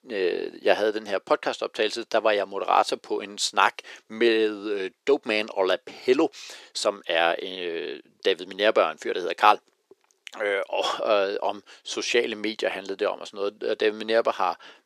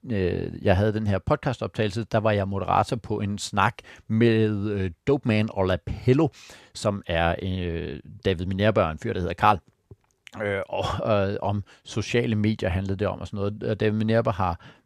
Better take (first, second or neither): second